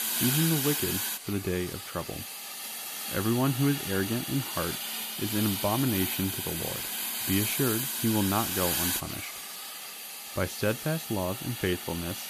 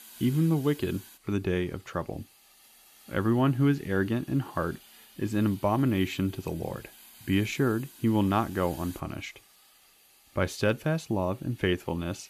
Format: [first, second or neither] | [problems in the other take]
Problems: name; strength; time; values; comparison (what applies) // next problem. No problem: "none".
second | hiss; loud; throughout; 1 dB below the speech; faint in the second